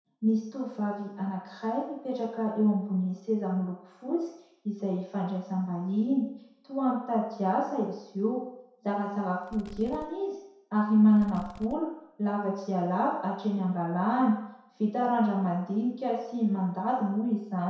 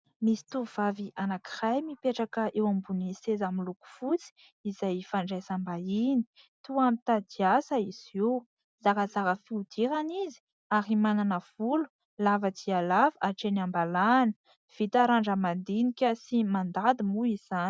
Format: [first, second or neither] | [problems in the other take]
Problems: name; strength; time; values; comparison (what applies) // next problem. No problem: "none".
second | background sound (Fireworks); 20 dB below the speech // room echo; dies away in 0.7 s